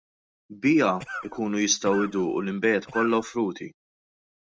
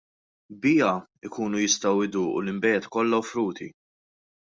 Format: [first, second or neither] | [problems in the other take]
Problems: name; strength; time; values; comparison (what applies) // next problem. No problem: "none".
second | noise reduction (neural mask model RNNoise)